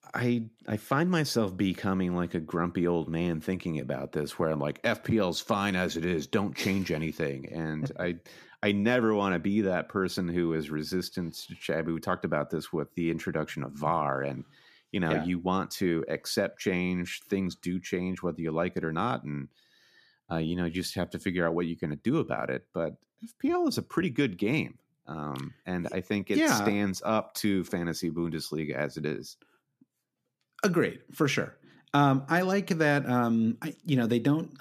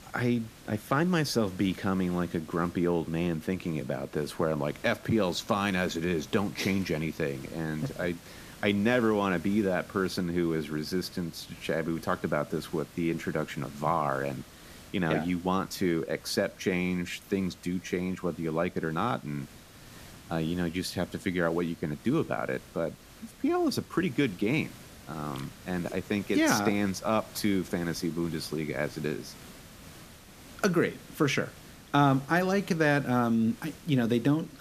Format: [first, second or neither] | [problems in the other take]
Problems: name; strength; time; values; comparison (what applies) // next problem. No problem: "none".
first | hiss; noticeable; throughout; 20 dB below the speech